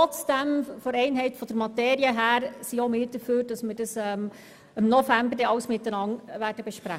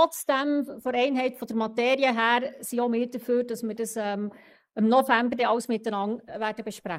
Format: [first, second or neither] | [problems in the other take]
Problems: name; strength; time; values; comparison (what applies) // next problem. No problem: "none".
first | noise reduction (neural mask model Resemble Enhance denoiser)